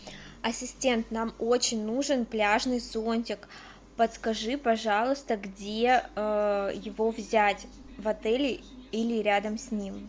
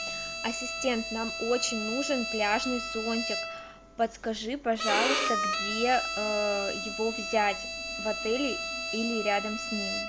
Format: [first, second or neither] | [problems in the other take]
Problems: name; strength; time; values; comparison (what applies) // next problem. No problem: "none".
first | background sound (Bowed string instrument); 2 dB below the speech